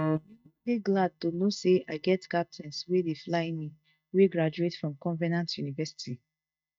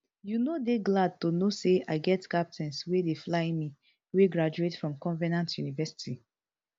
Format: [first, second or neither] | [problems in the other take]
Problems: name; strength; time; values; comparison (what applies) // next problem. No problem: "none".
second | noise reduction (neural mask model DeepFilterNet 3)